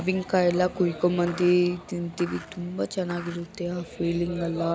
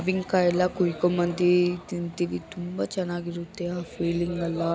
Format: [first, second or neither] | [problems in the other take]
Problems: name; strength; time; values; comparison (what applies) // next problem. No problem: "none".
second | background sound (Skateboard); 18 dB below the speech